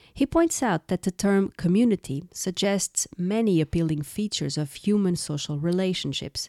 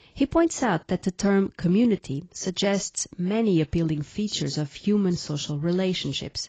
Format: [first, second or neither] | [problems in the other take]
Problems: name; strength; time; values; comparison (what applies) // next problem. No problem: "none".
first | garbled, watery; badly; nothing above 8 kHz